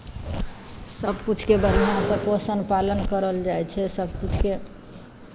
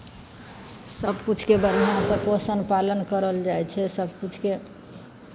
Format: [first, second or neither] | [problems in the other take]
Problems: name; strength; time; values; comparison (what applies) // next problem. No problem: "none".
second | background sound (Zipper (clothing)); 6 dB below the speech